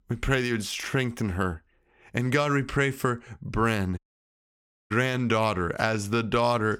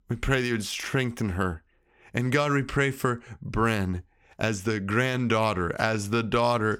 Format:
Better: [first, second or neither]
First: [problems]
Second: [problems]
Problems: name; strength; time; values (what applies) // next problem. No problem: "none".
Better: second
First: audio cutting out; at 4 s for 1 s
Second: none